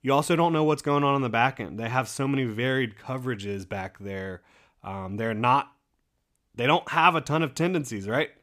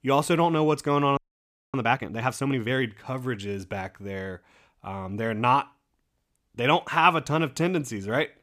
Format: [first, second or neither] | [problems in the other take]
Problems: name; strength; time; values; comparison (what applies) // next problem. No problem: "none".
first | audio freezing; at 1 s for 0.5 s